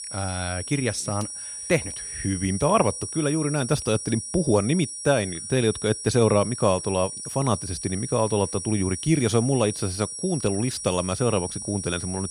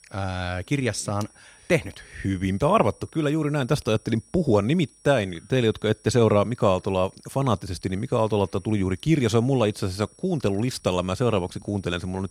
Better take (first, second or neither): second